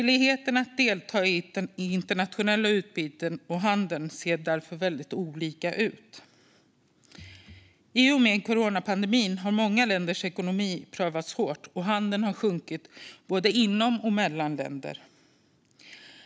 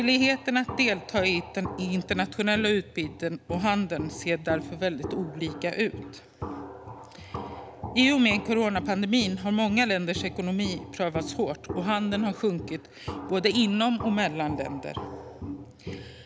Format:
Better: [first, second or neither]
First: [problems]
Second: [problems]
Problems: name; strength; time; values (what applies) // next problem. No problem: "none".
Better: first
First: none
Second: background sound (Walk, footsteps); 11 dB below the speech